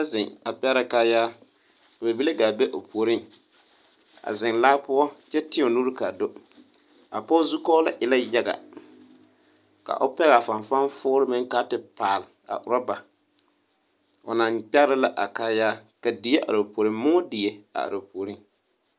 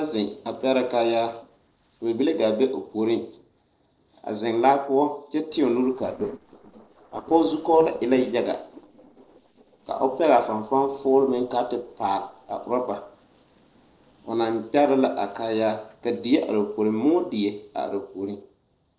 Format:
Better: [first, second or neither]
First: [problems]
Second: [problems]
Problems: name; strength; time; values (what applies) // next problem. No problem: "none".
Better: first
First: none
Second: noise reduction (neural separator model SepFormer DNS4)